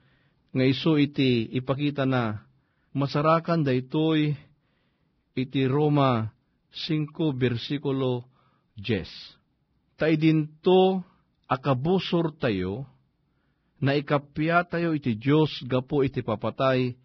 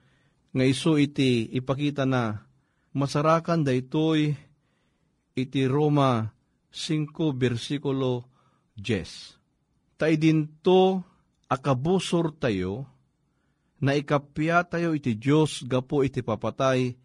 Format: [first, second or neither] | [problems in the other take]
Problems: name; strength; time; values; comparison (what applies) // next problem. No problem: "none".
second | garbled, watery; badly; nothing above 5.5 kHz; slightly in the second